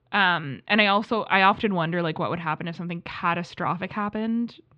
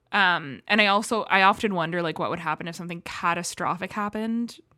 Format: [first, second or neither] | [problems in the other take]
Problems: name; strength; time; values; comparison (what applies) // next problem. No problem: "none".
second | muffled; very slightly; fading above 3.5 kHz